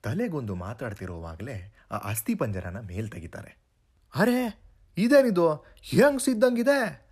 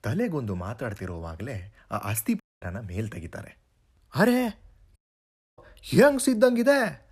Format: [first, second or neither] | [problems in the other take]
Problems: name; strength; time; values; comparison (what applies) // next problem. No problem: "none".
first | audio cutting out; at 2.5 s and at 5 s for 0.5 s